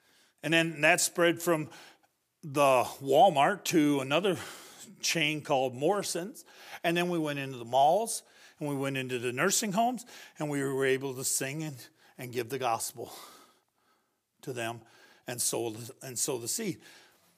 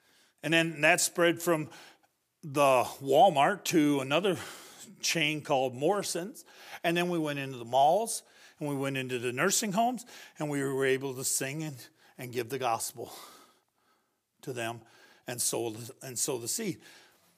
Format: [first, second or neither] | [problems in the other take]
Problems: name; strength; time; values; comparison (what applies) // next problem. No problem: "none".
neither | none